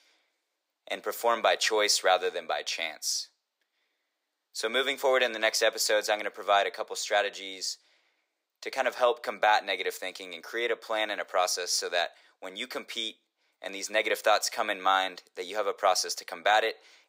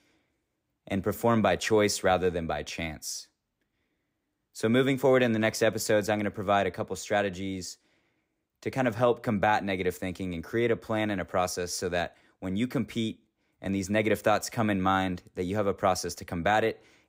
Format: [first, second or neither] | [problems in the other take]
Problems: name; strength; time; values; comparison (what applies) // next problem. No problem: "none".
second | thin; very; fading below 550 Hz